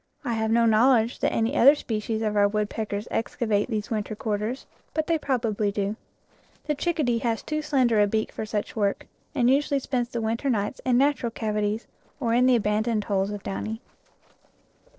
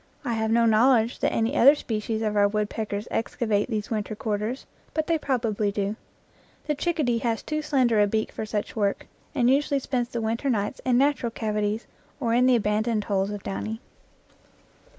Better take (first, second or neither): second